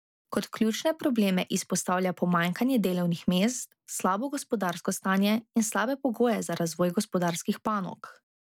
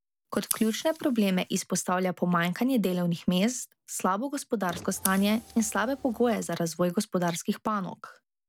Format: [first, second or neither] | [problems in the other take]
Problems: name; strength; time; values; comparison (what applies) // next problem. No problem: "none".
first | background sound (Scissors + Car); 17 dB below the speech